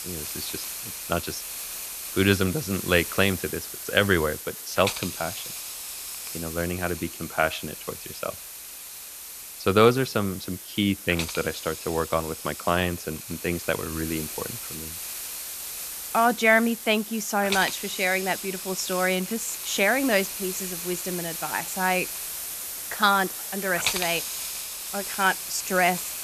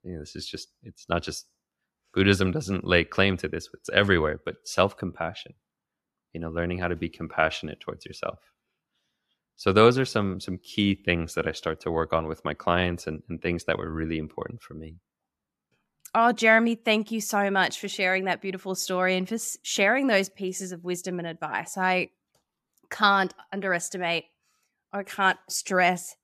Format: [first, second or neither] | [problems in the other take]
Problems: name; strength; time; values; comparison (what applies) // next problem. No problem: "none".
second | hiss; loud; throughout; 7 dB below the speech